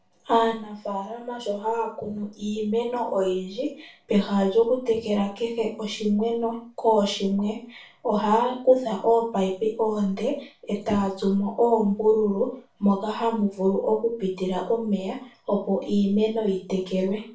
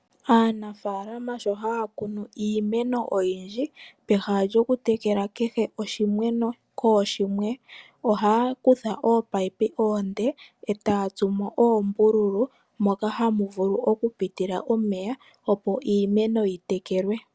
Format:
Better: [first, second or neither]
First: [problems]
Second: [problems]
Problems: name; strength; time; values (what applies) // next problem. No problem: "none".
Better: second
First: room echo; dies away in 0.3 s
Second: none